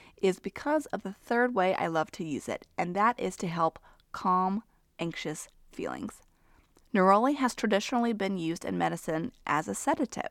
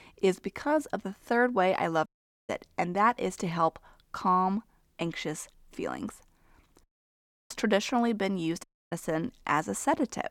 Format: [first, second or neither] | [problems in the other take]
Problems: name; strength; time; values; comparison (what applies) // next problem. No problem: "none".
first | audio cutting out; at 2 s, at 7 s for 0.5 s and at 8.5 s